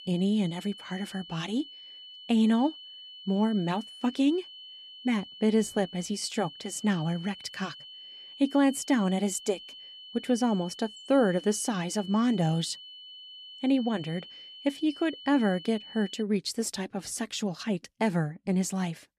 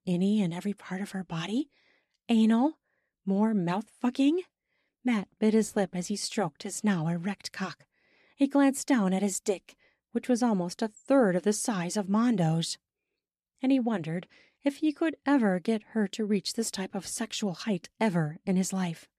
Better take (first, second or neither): second